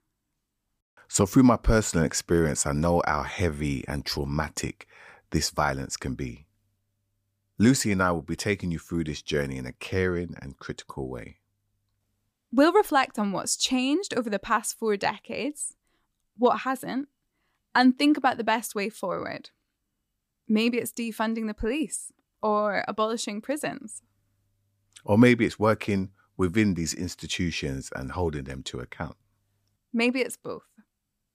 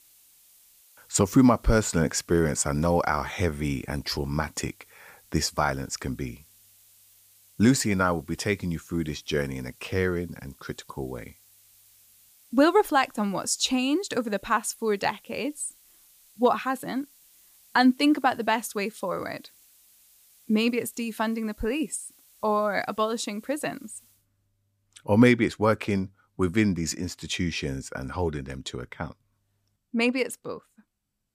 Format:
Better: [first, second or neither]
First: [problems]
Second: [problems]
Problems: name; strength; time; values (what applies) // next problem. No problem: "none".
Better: first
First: none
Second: hiss; faint; until 24 s; 30 dB below the speech